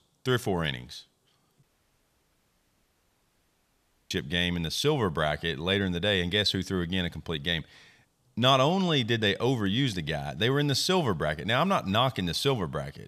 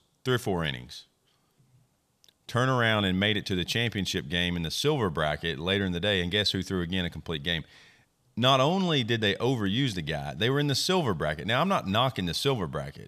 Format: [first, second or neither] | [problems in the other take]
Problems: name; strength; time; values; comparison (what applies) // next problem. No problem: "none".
second | audio cutting out; at 1.5 s for 2.5 s